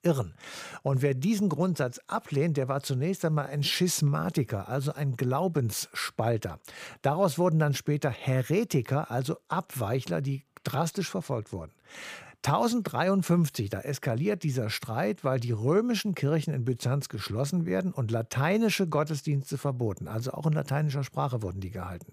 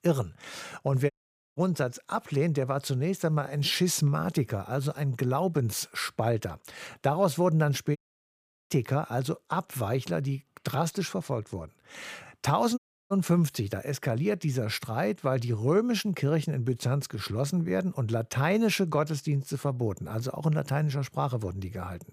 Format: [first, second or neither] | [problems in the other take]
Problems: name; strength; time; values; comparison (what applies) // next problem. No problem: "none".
first | audio cutting out; at 1 s, at 8 s for 0.5 s and at 13 s